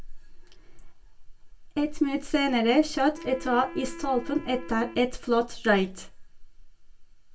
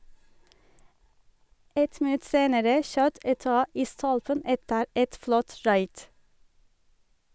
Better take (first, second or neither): second